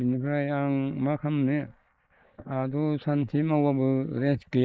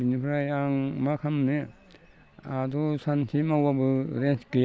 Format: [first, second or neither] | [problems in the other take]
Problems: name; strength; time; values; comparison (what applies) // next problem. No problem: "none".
second | noise reduction (neural mask model Resemble Enhance denoiser)